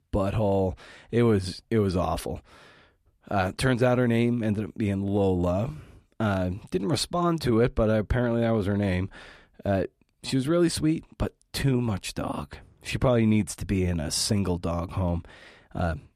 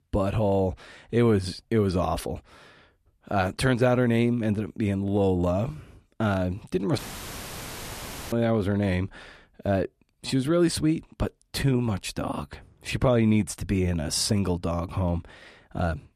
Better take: first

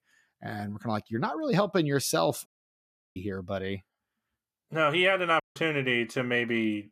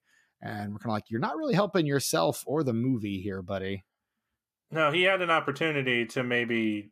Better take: second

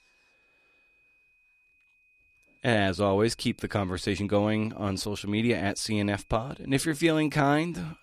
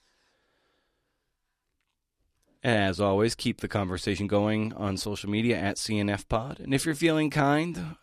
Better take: second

